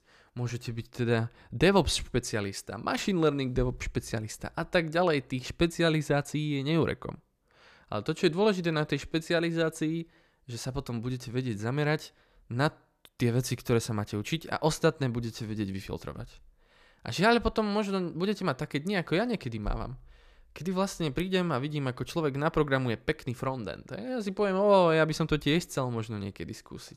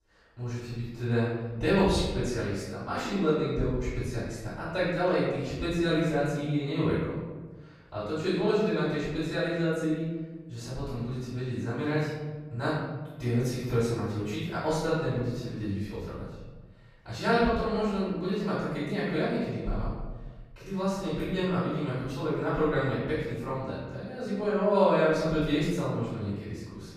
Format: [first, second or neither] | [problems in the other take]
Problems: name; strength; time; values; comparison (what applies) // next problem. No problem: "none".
first | off-mic speech; far // room echo; strong; dies away in 1.3 s